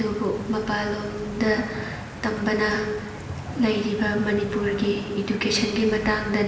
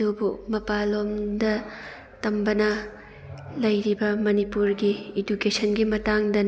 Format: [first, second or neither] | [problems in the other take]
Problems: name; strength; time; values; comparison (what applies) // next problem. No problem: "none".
second | background sound (Stream); 11 dB below the speech // room echo; dies away in 1 s